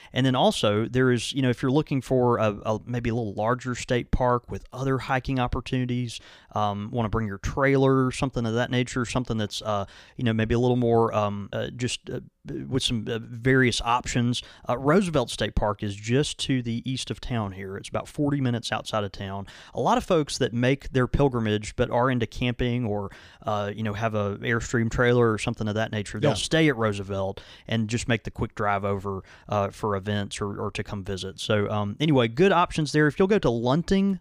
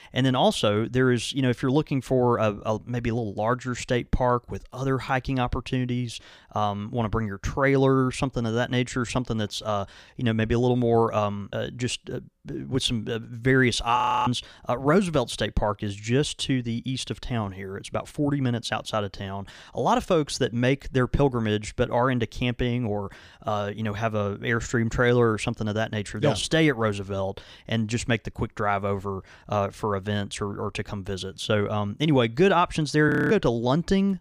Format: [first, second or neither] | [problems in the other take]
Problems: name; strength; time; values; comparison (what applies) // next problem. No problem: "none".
first | audio freezing; at 14 s and at 33 s